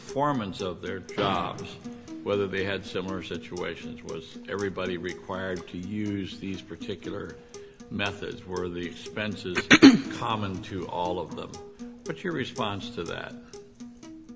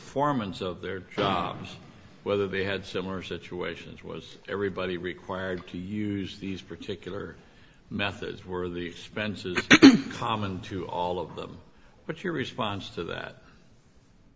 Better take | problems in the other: second | background sound (Acoustic guitar); 15 dB below the speech

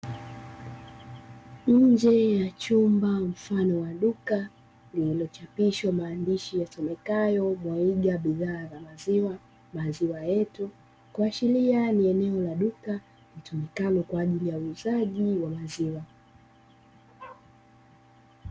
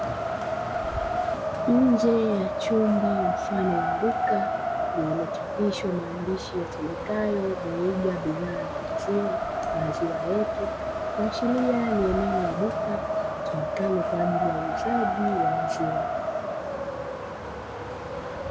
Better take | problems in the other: first | background sound (Wind); as loud as the speech

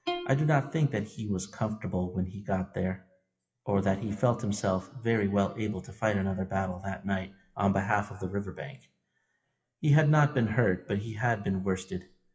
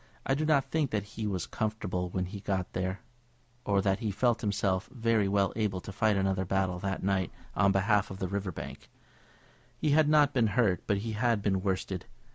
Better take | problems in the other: second | noise reduction (classical method WPE with log-MMSE)

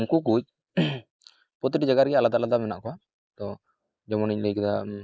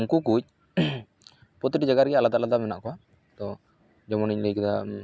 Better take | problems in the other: second | noise reduction (neural mask model Resemble Enhance denoiser)

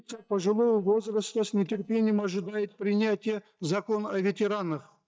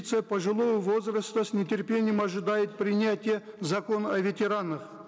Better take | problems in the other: second | noise reduction (neural mask model DeepFilterNet 3)

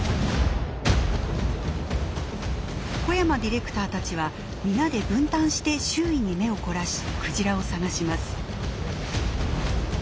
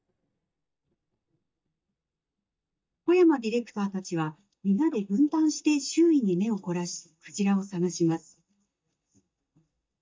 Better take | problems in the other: first | noise reduction (neural mask model DeepFilterNet 3)

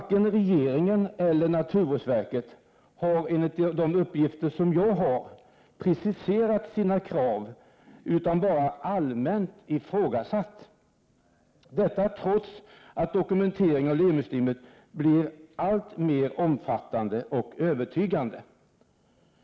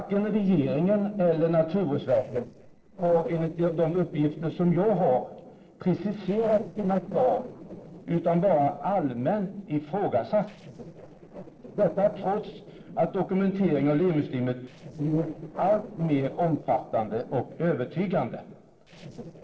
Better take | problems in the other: first | noise reduction (neural separator model SepFormer DNS4)

